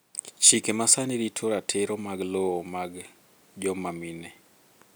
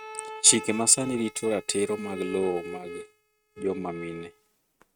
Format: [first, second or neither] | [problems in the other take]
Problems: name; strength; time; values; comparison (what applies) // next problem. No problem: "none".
first | noise reduction (neural mask model RNNoise)